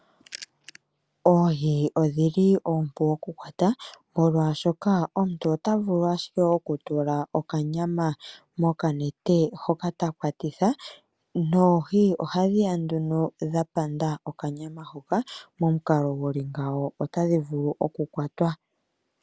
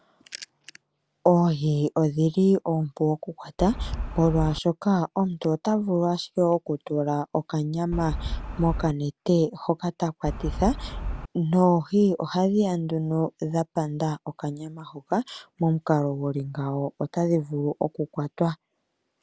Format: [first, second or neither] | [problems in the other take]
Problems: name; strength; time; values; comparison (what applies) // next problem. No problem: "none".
first | background sound (Wind); 5 dB below the speech